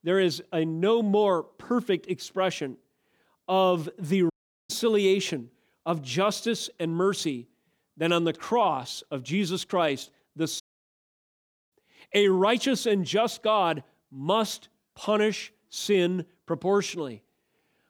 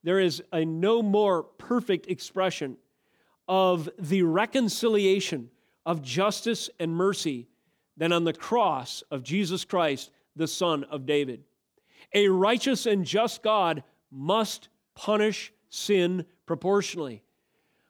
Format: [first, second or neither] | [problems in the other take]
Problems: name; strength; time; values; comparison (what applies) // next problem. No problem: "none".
second | audio cutting out; at 4.5 s and at 11 s for 1 s